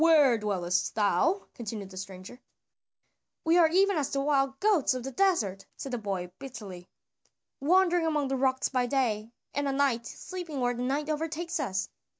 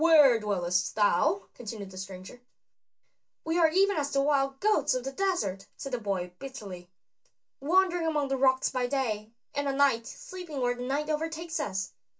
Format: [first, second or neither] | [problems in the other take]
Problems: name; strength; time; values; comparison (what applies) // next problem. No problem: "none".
first | room echo; dies away in 0.2 s